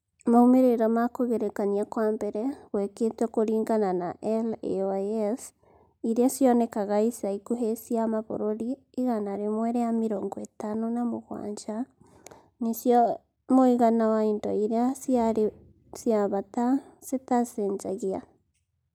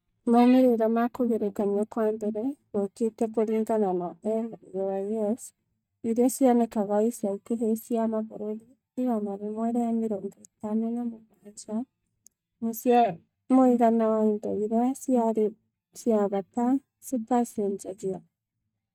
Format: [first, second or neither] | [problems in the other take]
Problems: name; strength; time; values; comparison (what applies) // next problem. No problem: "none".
first | noise reduction (neural mask model DeepFilterNet 3)